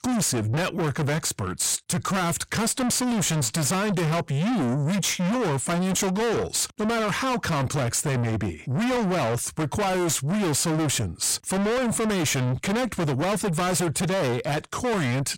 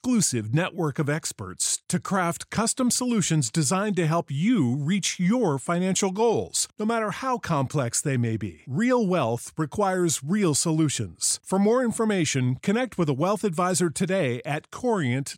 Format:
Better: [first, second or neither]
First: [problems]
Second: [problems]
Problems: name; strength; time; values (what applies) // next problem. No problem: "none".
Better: second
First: distortion; heavy; 5 dB below the speech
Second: none